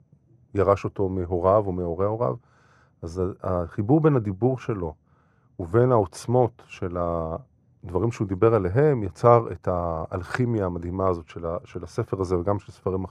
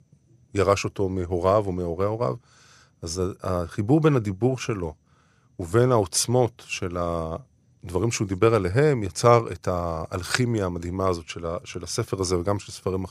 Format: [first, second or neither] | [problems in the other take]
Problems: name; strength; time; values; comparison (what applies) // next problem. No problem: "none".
second | muffled; very; fading above 2 kHz